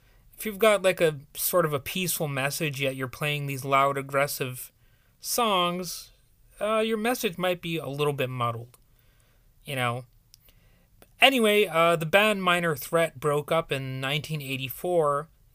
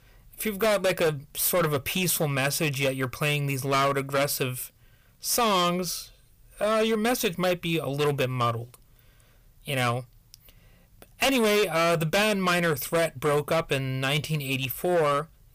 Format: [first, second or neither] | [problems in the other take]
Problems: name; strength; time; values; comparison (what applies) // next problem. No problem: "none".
first | distortion; heavy; 11% of the sound clipped